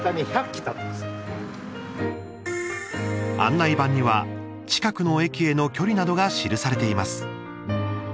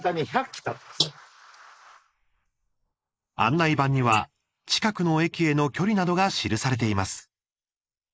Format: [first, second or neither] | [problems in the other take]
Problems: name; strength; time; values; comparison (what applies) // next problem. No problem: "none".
first | noise reduction (neural mask model Resemble Enhance denoiser)